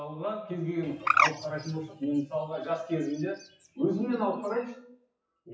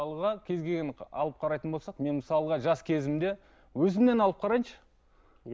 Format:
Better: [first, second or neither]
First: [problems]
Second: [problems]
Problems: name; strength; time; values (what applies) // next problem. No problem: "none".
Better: second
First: noise reduction (classical method WPE with log-MMSE)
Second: none